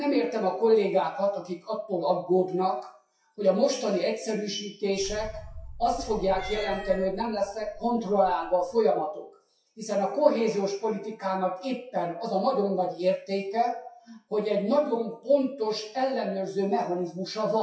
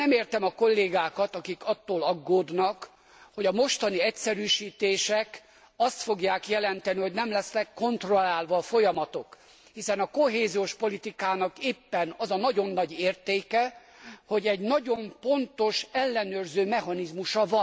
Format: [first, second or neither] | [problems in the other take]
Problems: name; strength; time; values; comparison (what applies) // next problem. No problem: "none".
second | noise reduction (classical method WPE with log-MMSE)